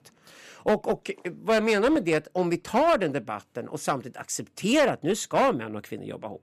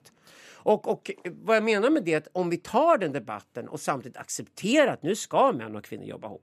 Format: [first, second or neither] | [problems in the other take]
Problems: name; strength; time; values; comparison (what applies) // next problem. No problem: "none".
second | distortion; slight; 6% of the sound clipped